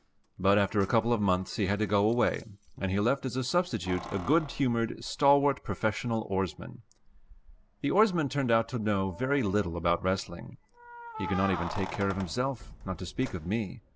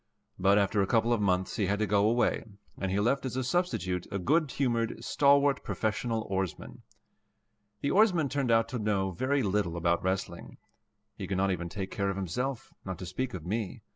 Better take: second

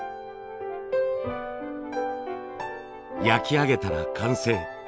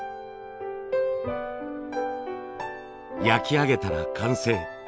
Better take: second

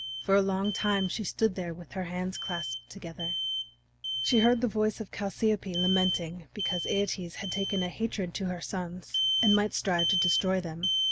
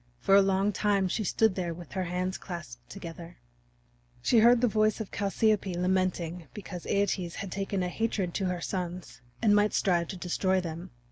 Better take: second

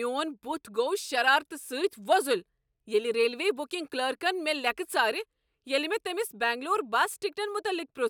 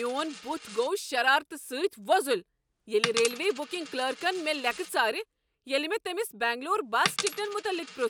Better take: first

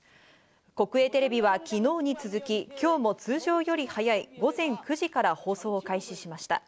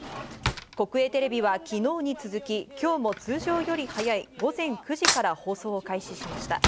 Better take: first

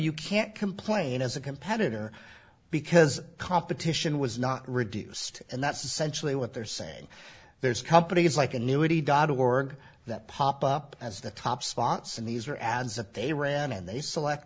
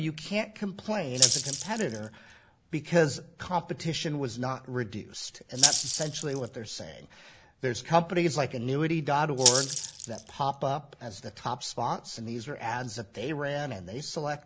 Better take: first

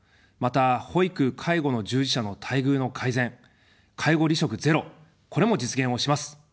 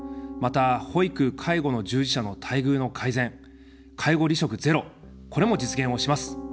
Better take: first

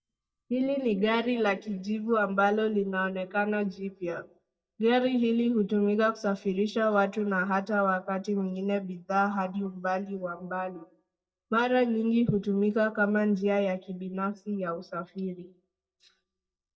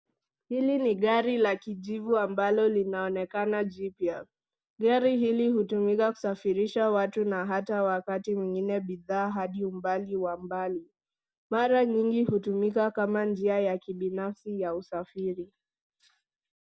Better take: second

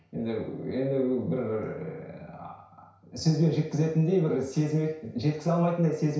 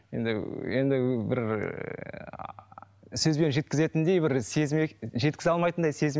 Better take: second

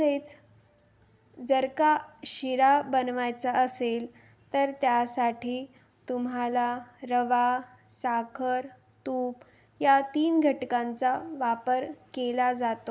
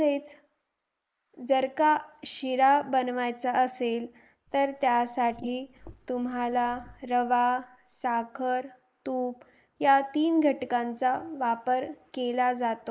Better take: first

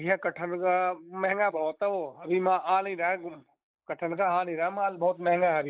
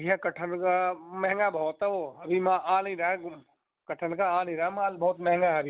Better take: second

